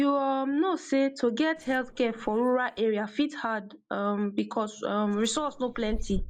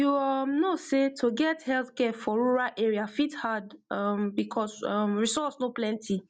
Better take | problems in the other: second | noise reduction (neural mask model Resemble Enhance denoiser)

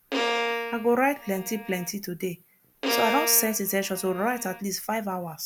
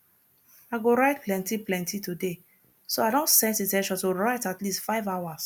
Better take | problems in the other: second | background sound (Bowed string instrument); 4 dB below the speech

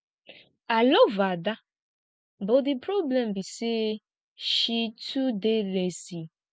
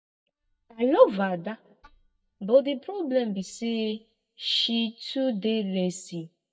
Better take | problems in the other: first | noise reduction (neural mask model DeepFilterNet 3)

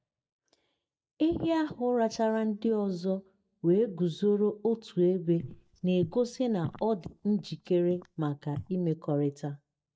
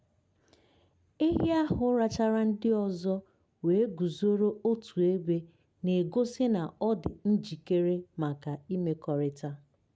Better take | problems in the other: second | noise reduction (neural mask model DeepFilterNet 3)

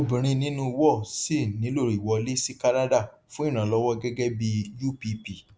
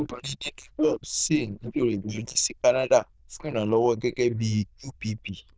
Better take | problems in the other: first | noise reduction (neural diffusion model UNIVERSE++)

